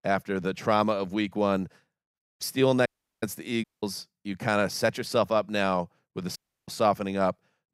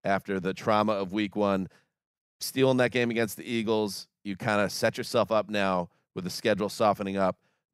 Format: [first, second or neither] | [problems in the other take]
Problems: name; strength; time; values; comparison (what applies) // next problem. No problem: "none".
second | audio cutting out; at 3 s, at 3.5 s and at 6.5 s